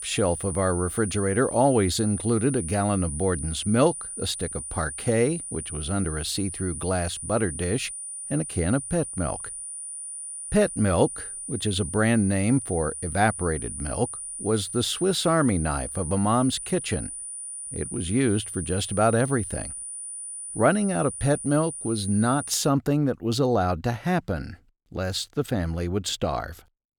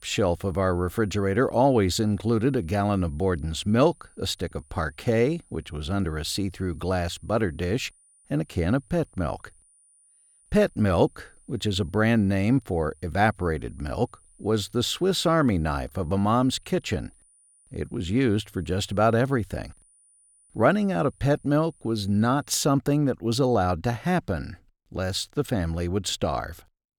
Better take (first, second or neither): second